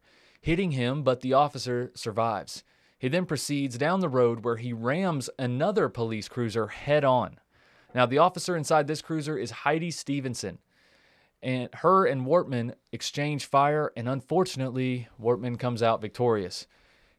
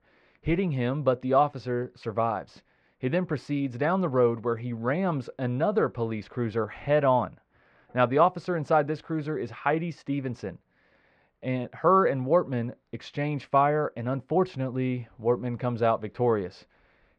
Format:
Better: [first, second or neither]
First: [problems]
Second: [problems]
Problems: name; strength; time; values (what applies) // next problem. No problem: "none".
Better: first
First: none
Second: muffled; very; fading above 2 kHz